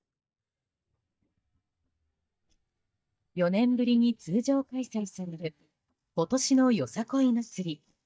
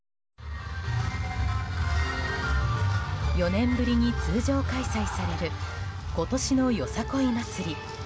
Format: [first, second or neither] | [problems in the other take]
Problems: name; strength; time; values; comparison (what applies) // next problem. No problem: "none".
second | noise reduction (neural mask model DeepFilterNet 3)